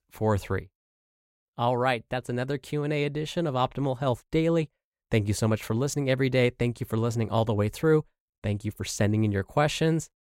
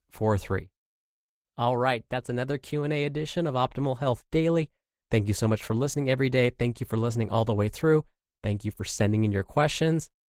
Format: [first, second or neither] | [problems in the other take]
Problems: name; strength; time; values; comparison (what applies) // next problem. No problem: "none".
first | garbled, watery; slightly; nothing above 16 kHz